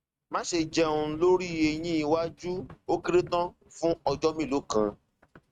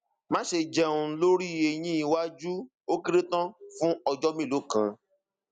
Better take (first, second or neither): second